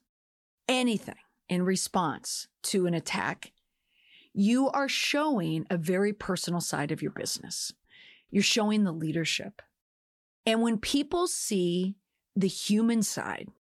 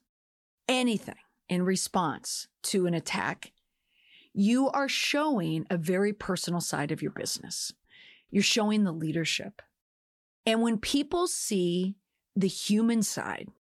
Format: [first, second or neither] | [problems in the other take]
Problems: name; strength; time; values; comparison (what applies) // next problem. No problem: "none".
neither | none